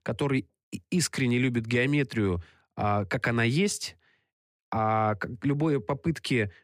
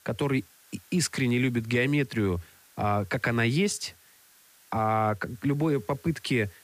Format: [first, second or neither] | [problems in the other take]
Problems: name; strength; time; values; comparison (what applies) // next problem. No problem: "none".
first | hiss; faint; throughout; 25 dB below the speech